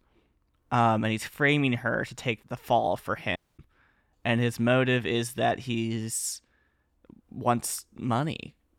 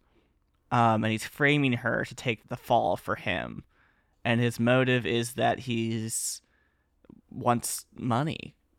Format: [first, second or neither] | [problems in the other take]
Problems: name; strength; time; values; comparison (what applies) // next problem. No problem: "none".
second | audio cutting out; at 3.5 s